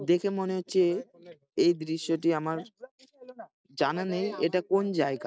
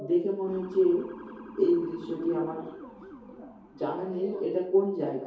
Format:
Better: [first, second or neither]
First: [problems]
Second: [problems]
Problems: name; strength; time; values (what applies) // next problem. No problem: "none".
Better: first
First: none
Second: background sound (Motor vehicle (road) / Siren); 18 dB below the speech // room echo; dies away in 2.4 s